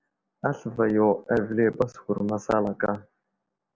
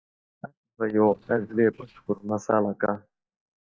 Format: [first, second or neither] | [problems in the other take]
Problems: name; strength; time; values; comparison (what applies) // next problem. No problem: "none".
first | noise reduction (neural mask model DeepFilterNet 3)